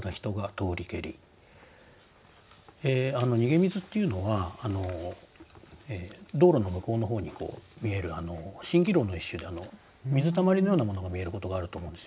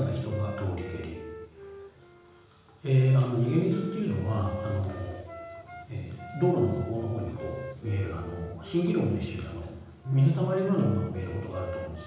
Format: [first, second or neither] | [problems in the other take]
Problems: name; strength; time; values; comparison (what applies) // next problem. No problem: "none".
first | background sound (Wind instrument, woodwind instrument); 14 dB below the speech // room echo; dies away in 1 s